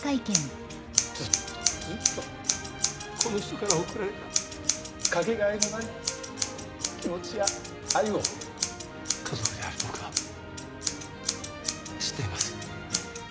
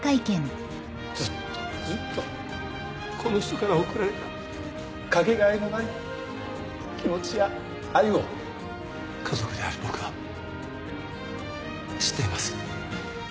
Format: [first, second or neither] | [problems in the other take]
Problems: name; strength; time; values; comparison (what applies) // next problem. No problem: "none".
second | background sound (Scissors); as loud as the speech